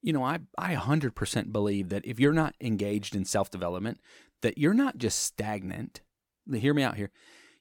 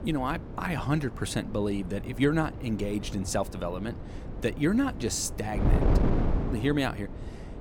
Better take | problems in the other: first | wind noise on the microphone; heavy; 8 dB below the speech

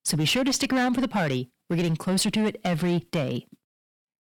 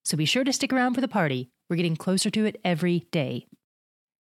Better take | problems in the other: second | distortion; slight; 9% of the sound clipped

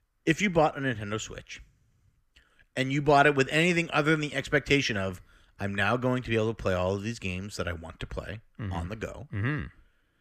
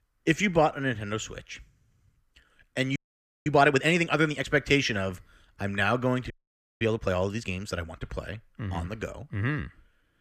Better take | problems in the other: first | audio freezing; at 3 s for 0.5 s and at 6.5 s for 0.5 s

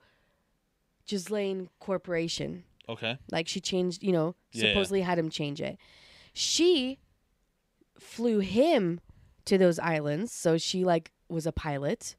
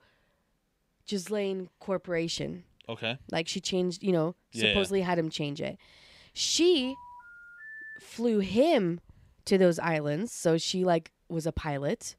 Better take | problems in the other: first | phone ringing; faint; from 7 to 8 s; peak 15 dB below the speech

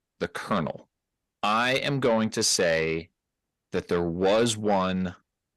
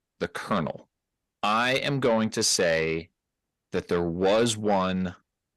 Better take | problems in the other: neither | distortion; slight; 10 dB below the speech; the same in both

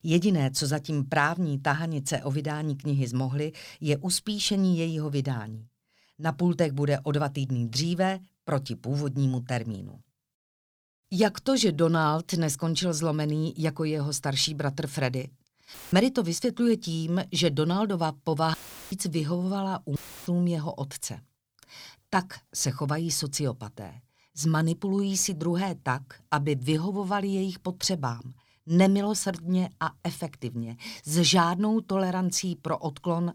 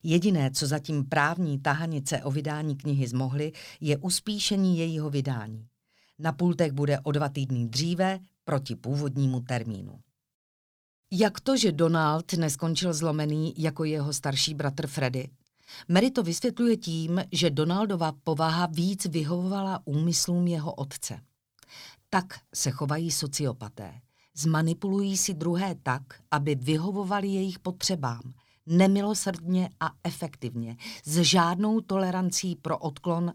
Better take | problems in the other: second | audio cutting out; filled with static; at 16 s, at 19 s and at 20 s

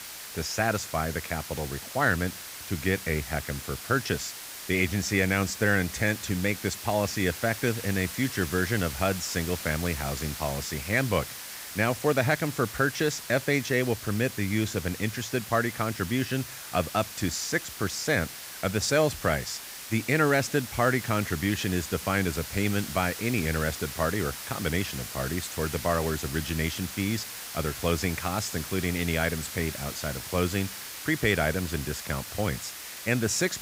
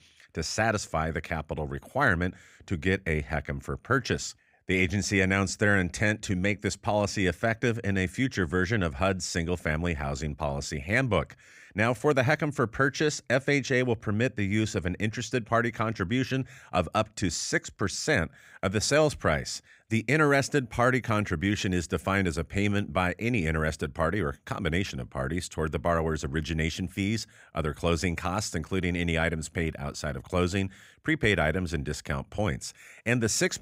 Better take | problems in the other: second | hiss; loud; throughout; 9 dB below the speech

